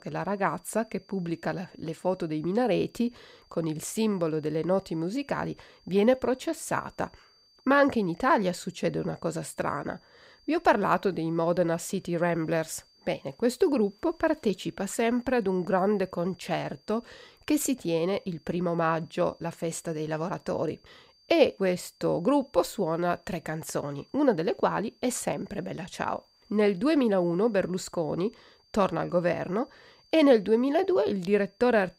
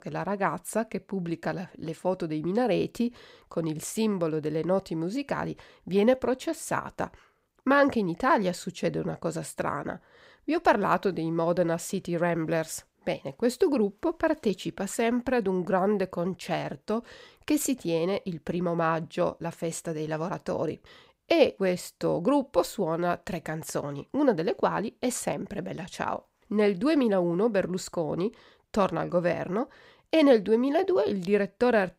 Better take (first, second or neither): second